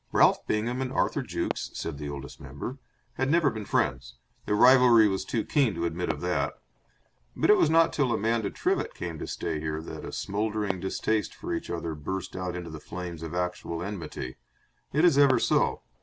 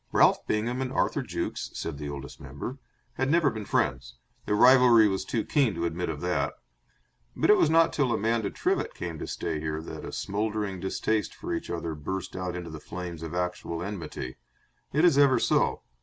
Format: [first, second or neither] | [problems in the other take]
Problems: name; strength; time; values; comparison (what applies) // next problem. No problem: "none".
second | background sound (Fireworks); 19 dB below the speech